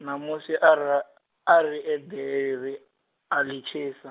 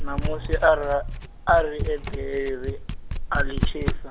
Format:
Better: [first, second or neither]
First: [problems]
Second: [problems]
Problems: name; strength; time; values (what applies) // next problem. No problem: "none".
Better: first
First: none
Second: background sound (Domestic sounds, home sounds); 1 dB below the speech